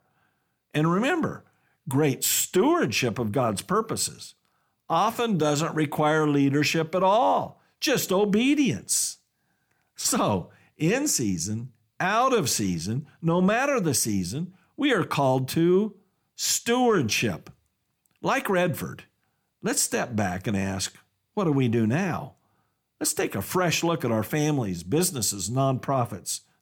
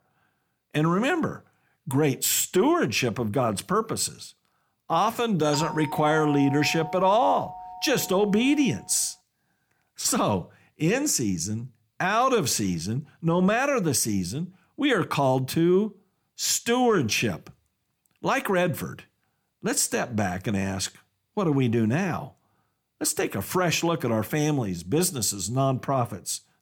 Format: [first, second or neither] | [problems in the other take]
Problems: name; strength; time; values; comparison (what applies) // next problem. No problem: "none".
first | doorbell; noticeable; from 5.5 to 9 s; peak 8 dB below the speech